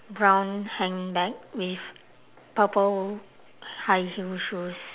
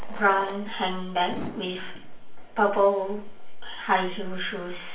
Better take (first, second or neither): first